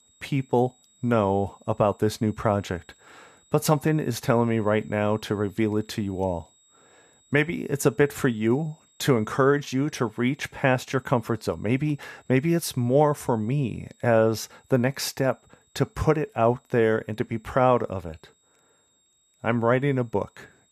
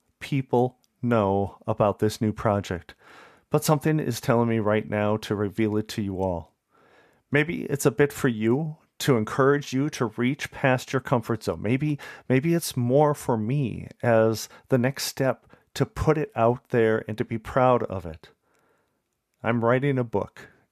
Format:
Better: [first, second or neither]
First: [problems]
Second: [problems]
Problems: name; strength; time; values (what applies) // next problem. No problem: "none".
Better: second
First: high-pitched whine; faint; throughout; 7.5 kHz, 35 dB below the speech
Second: none